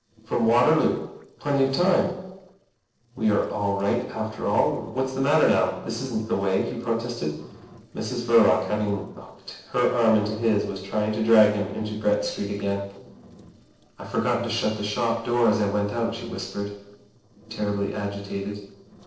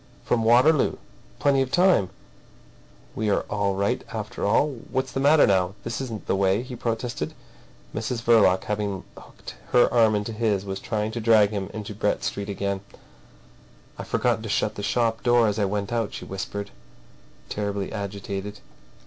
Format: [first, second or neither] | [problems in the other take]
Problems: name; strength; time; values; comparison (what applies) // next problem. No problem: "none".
second | noise reduction (neural separator model SepFormer DNS4)